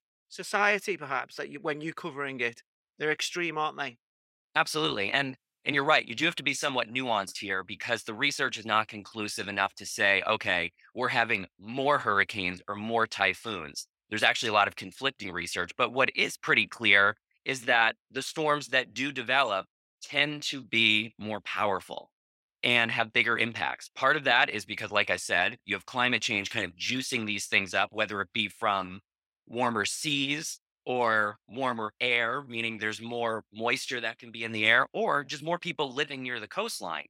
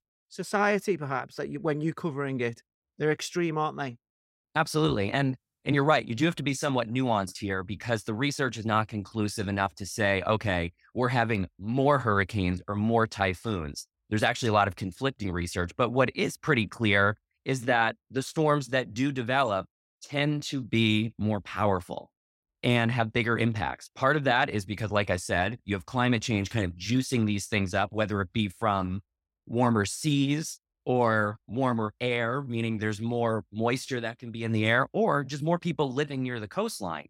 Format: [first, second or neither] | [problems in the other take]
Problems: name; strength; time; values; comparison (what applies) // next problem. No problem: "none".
second | thin; somewhat; fading below 550 Hz